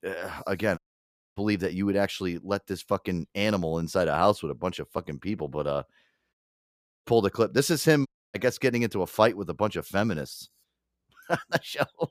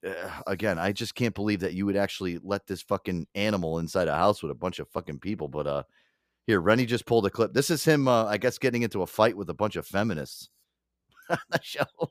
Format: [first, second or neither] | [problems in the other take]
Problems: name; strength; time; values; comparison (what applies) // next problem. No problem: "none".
second | audio cutting out; at 1 s for 0.5 s, at 6.5 s for 0.5 s and at 8 s